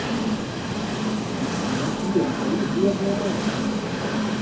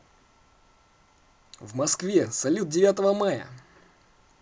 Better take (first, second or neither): second